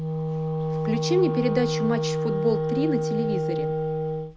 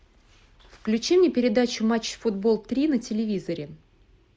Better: second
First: background sound (Wind instrument, woodwind instrument); 2 dB above the speech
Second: none

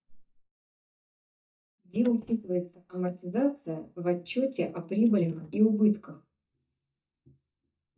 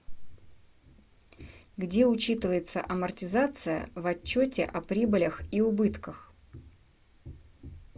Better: second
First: noise reduction (neural mask model DeepFilterNet 3)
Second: none

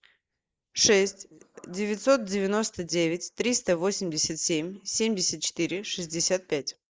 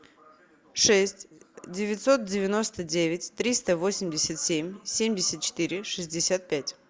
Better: second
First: noise reduction (neural mask model Resemble Enhance denoiser)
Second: none

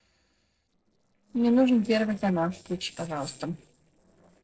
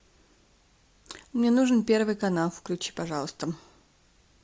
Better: second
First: noise reduction (neural separator model SepFormer DNS4)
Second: none

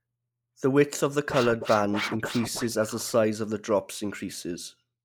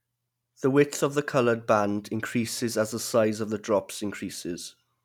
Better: second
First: noise reduction (neural mask model Resemble Enhance denoiser)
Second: none

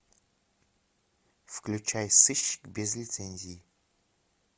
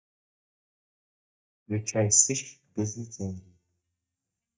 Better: first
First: none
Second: noise reduction (neural mask model DeepFilterNet 3)

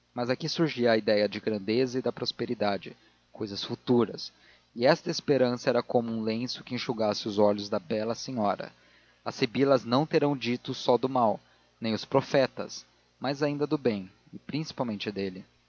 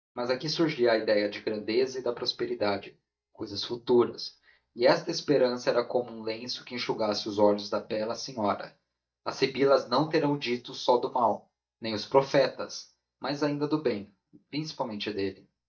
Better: first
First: none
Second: noise reduction (neural mask model DeepFilterNet 3)

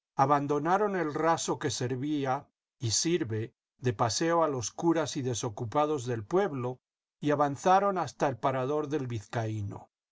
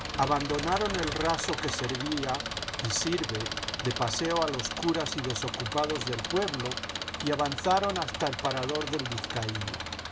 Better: first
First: none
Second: background sound (Engine); 3 dB below the speech

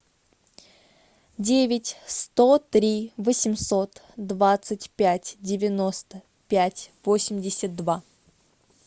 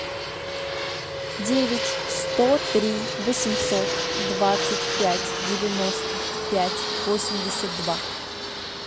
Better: first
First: none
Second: background sound (Fixed-wing aircraft, airplane); as loud as the speech

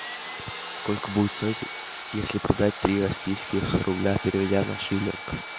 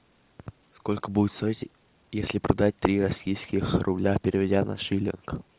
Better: second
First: background sound (Sawing); 10 dB below the speech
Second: none

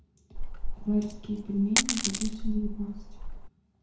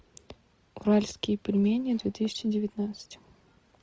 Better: second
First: background sound (Coin (dropping)); 1 dB above the speech // room echo; dies away in 0.5 s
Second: none

